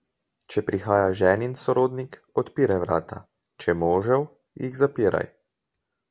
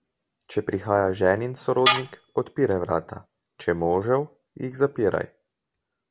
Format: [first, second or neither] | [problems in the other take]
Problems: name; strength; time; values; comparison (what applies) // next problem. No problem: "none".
first | background sound (Tools); 6 dB below the speech